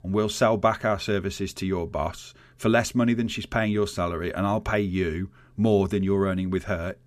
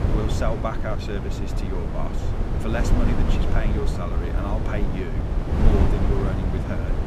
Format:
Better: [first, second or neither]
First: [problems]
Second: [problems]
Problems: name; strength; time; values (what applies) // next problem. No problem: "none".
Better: first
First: none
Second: wind noise on the microphone; heavy; 1 dB below the speech